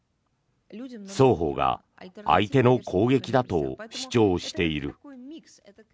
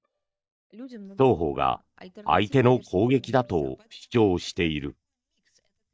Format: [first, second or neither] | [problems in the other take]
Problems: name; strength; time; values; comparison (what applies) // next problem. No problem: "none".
first | noise reduction (neural mask model DeepFilterNet 3)